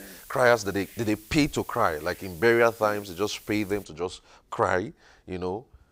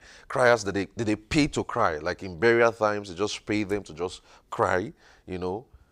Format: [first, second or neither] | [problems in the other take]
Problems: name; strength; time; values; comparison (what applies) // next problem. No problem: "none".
second | hiss; faint; until 4 s; 20 dB below the speech